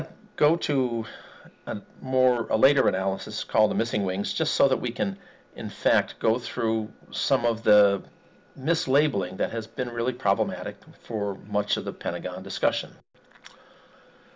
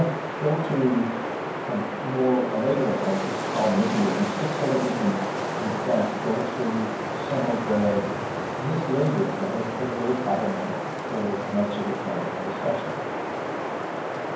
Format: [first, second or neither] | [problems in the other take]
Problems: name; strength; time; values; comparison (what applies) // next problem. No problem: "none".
first | background sound (Wind); 3 dB below the speech // room echo; dies away in 0.9 s